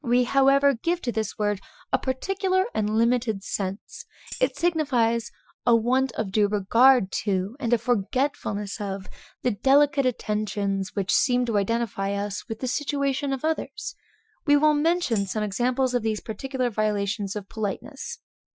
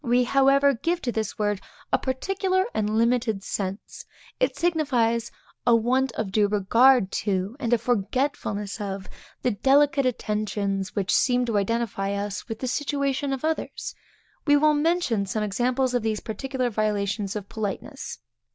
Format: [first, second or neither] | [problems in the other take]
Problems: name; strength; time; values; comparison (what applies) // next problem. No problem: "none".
second | noise reduction (classical method Wiener filter)